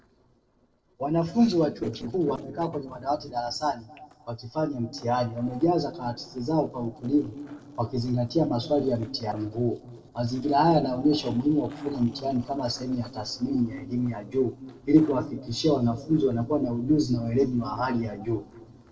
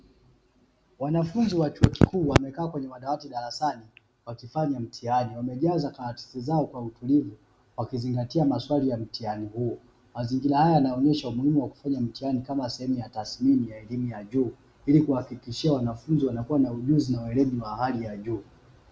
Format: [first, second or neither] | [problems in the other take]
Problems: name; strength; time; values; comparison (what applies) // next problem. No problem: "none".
second | noise reduction (neural separator model SepFormer DNS4)